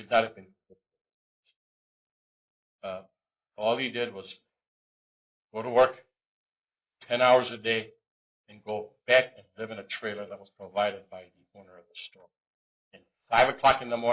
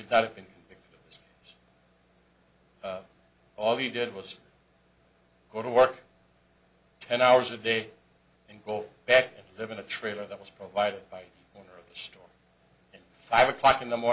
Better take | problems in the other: second | noise reduction (neural mask model Resemble Enhance denoiser)

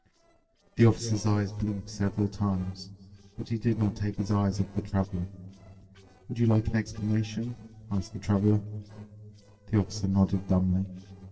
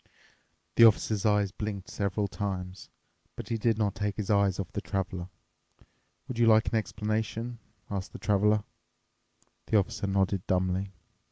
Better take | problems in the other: second | noise reduction (neural separator model SepFormer DNS4)

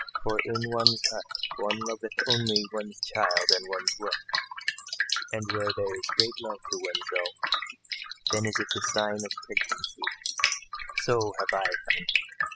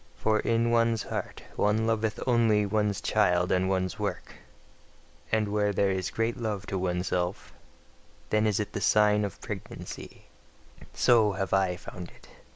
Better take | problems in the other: second | noise reduction (classical method spectral subtraction)

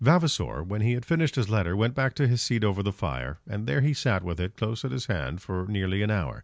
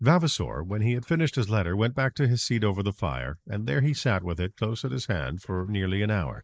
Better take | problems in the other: first | noise reduction (neural mask model Resemble Enhance denoiser)

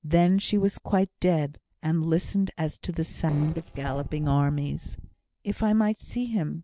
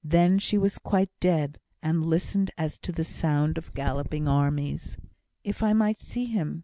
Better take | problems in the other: second | noise reduction (neural separator model SepFormer DNS4)

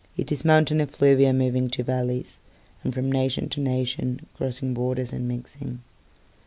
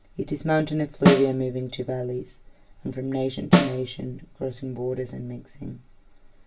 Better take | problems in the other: first | background sound (Snare drum); 1 dB above the speech // room echo; dies away in 0.2 s

